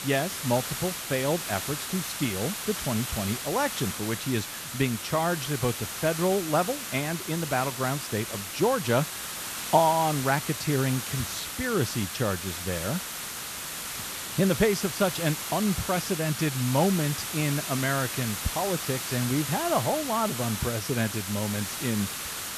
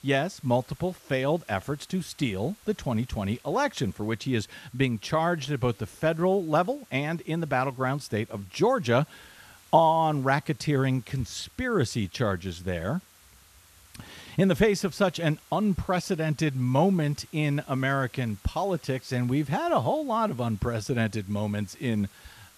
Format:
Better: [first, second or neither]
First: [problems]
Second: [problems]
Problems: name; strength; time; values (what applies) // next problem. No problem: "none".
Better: second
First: hiss; loud; throughout; 4 dB below the speech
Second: hiss; faint; throughout; 25 dB below the speech